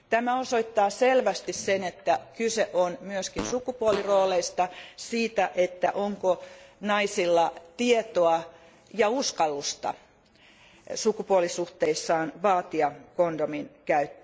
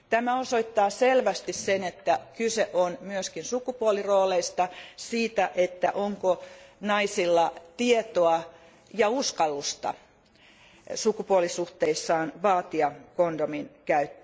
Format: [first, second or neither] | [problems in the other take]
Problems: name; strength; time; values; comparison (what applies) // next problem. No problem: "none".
second | background sound (Fart); 12 dB below the speech